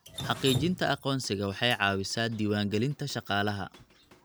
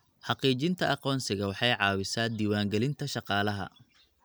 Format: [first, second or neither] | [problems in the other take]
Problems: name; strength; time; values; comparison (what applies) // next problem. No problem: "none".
second | background sound (Drip); 12 dB below the speech